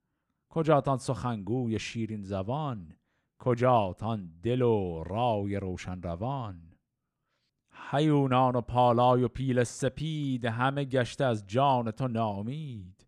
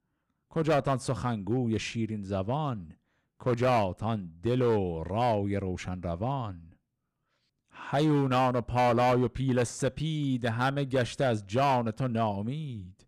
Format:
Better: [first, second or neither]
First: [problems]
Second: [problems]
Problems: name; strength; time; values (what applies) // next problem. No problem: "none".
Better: first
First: none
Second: distortion; slight; 5% of the sound clipped